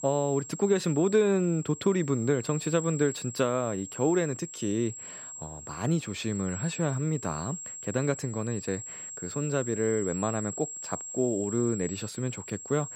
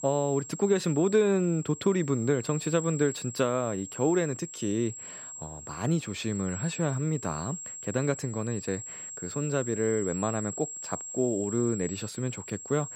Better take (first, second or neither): neither